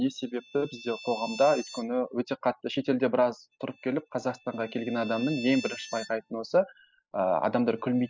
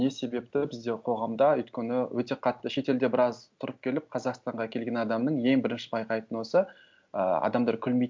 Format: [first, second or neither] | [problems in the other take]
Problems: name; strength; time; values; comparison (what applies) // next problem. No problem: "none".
second | noise reduction (classical method spectral subtraction)